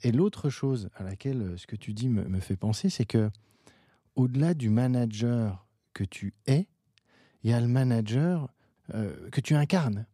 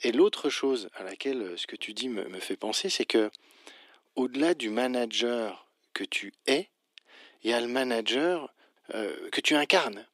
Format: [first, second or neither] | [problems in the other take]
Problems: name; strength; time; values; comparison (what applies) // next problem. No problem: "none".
first | thin; very; fading below 300 Hz